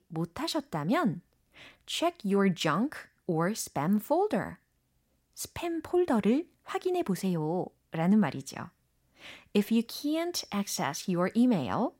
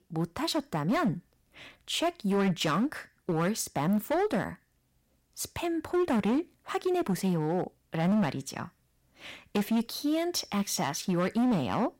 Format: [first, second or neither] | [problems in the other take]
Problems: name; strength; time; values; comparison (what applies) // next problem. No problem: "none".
first | distortion; slight; 10% of the sound clipped